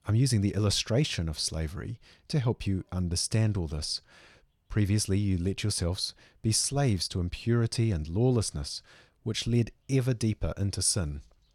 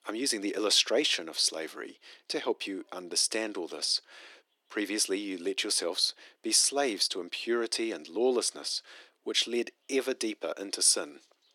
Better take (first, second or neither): first